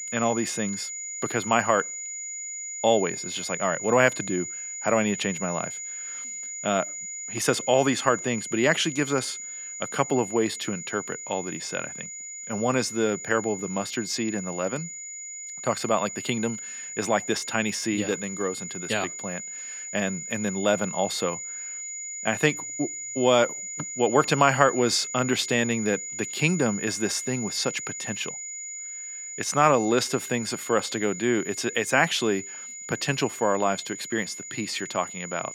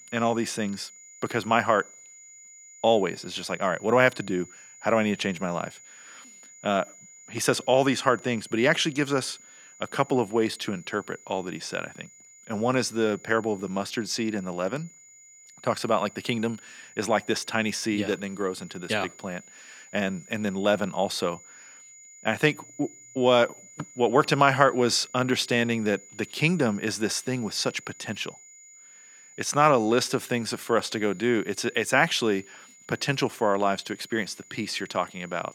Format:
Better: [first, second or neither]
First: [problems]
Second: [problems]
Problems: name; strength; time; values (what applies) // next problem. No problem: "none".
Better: second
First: high-pitched whine; loud; throughout; 7 kHz, 7 dB below the speech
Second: high-pitched whine; faint; throughout; 7 kHz, 20 dB below the speech